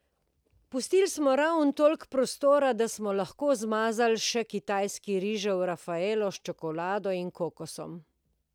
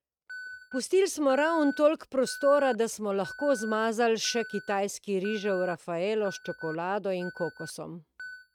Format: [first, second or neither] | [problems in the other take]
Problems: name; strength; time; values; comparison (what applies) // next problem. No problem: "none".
first | noise reduction (neural mask model RNNoise)